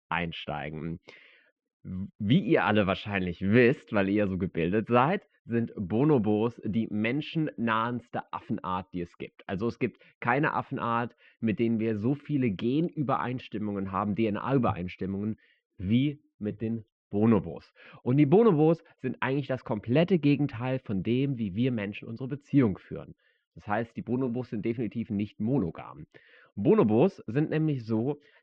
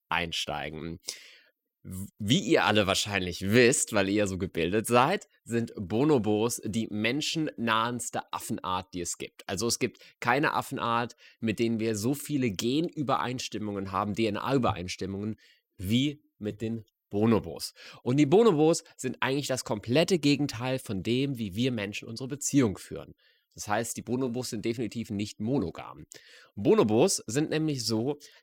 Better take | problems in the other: second | muffled; very; fading above 2.5 kHz

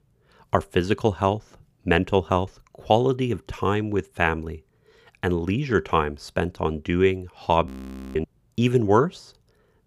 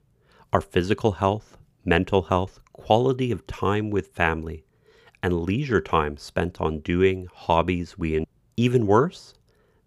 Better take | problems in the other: second | audio freezing; at 7.5 s

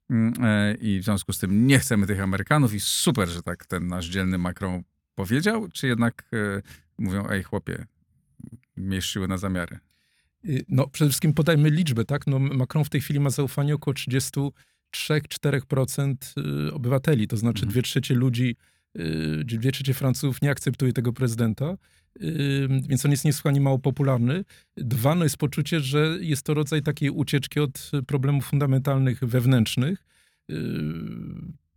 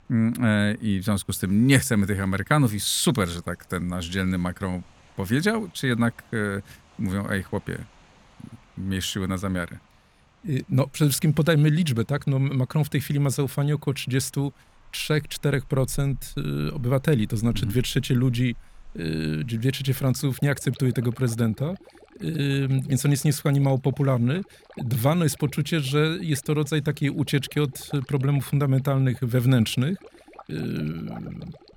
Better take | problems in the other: first | rain or running water; faint; throughout; 25 dB below the speech

